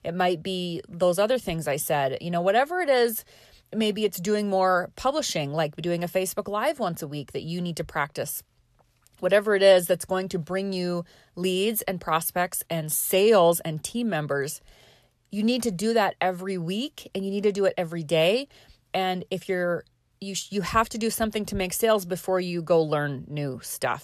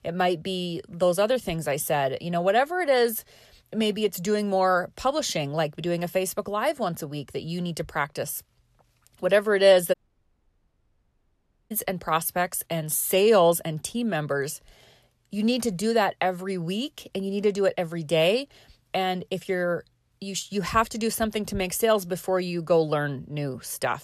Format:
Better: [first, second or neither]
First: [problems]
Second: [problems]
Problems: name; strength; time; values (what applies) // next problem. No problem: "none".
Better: first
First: none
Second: audio cutting out; at 10 s for 2 s